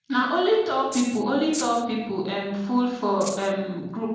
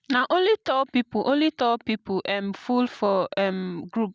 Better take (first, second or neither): second